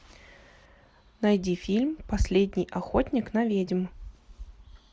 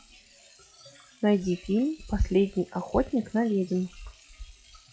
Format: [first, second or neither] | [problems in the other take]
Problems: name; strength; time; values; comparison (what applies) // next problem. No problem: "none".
first | noise reduction (classical method log-MMSE)